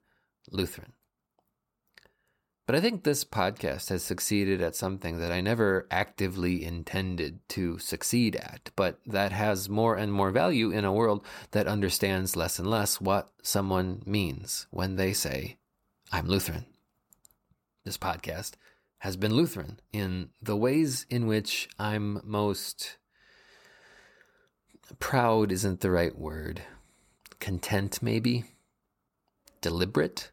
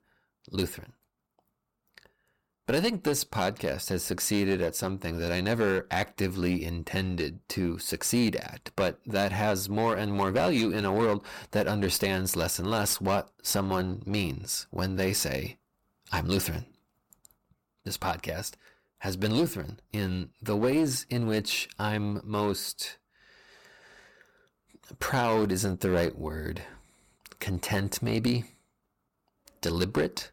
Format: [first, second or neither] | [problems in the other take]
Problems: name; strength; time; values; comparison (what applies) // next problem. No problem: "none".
first | distortion; slight; 6% of the sound clipped